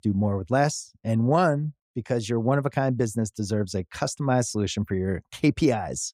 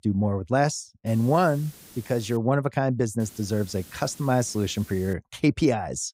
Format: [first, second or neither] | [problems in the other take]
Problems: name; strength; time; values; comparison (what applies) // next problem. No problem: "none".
first | hiss; faint; from 1 to 2.5 s and from 3 to 5 s; 20 dB below the speech